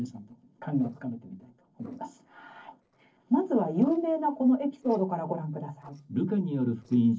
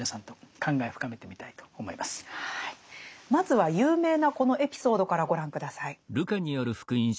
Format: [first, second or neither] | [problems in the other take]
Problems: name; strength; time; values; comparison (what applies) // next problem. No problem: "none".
second | noise reduction (neural separator model SepFormer DNS4)